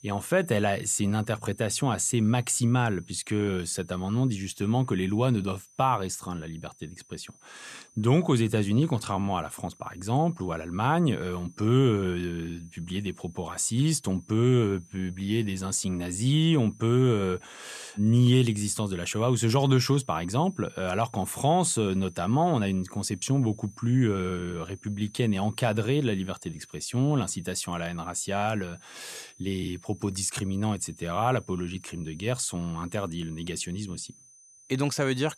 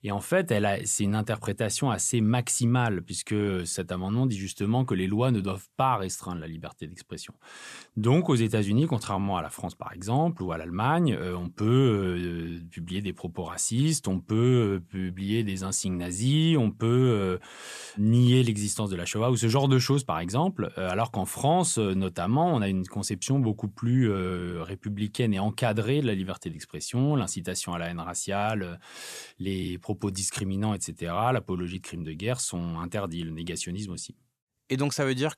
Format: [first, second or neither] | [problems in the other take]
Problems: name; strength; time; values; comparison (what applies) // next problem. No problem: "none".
second | high-pitched whine; faint; throughout; 6 kHz, 25 dB below the speech